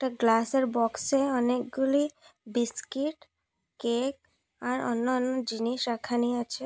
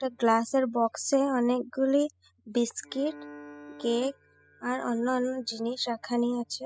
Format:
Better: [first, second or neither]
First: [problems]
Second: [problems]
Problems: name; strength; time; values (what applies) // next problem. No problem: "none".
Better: first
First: none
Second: noise reduction (classical method spectral subtraction)